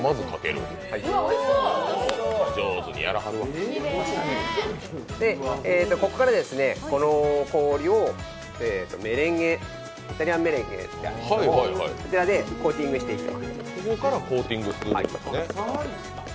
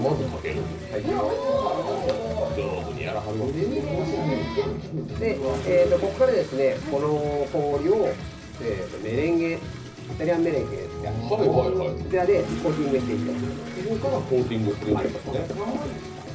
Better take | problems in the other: first | background sound (Toilet flush); 20 dB below the speech // room echo; dies away in 0.4 s

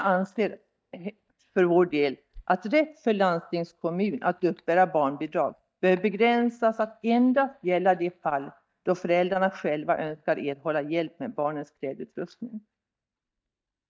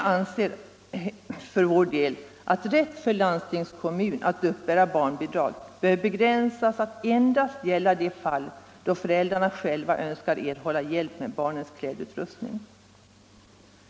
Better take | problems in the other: second | noise reduction (neural mask model DeepFilterNet 3)

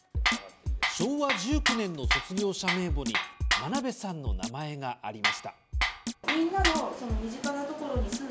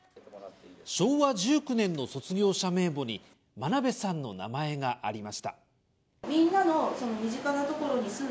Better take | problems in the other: second | background sound (Drum kit + Tools); 2 dB above the speech

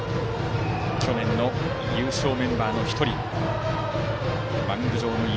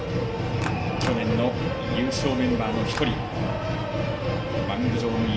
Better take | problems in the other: first | background sound (Clapping); 11 dB below the speech // room echo; dies away in 1.8 s

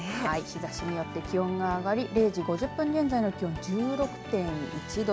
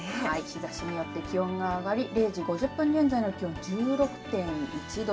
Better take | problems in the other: first | room echo; dies away in 0.1 s

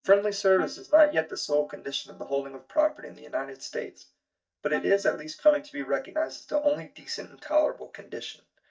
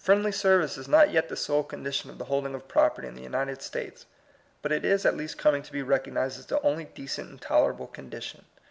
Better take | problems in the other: second | noise reduction (neural mask model DeepFilterNet 3)

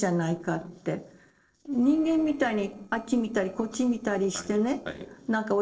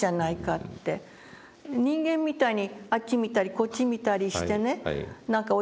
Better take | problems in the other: second | noise reduction (neural separator model SepFormer DNS4)

